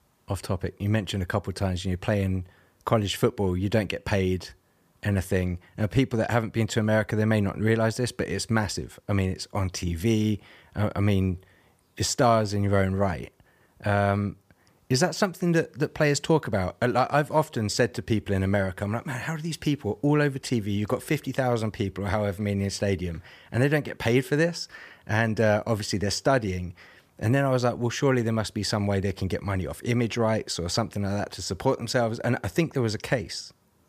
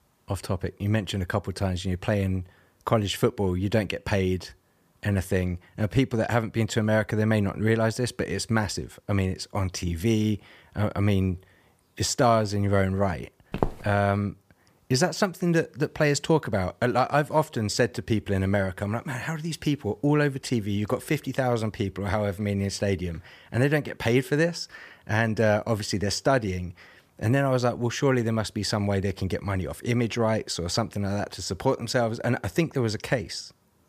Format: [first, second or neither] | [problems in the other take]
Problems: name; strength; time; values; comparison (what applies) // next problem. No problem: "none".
first | footsteps; noticeable; at 14 s; peak 4 dB below the speech